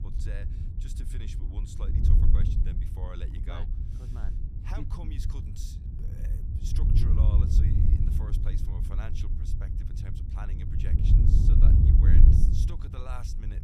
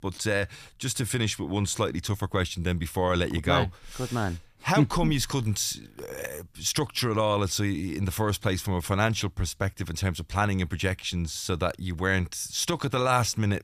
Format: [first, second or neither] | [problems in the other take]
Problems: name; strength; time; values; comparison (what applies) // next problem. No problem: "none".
second | wind noise on the microphone; heavy; 4 dB above the speech